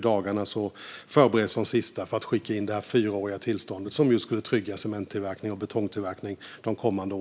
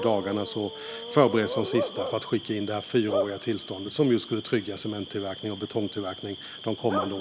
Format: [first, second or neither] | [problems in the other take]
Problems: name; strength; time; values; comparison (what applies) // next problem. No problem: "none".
first | background sound (Bark / Cricket); 8 dB below the speech